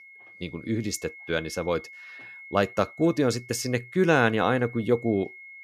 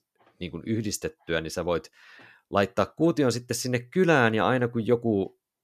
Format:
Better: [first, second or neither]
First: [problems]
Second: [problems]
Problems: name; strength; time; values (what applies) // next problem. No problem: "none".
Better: second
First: high-pitched whine; noticeable; throughout; 2 kHz, 20 dB below the speech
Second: none